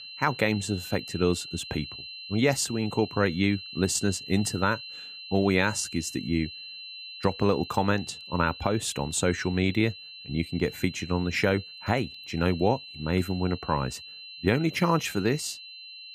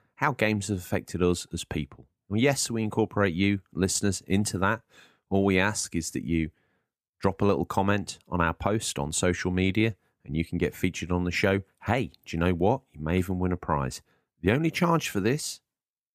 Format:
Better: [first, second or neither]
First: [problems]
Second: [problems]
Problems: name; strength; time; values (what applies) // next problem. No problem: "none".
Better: second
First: high-pitched whine; noticeable; throughout; 4 kHz, 10 dB below the speech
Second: none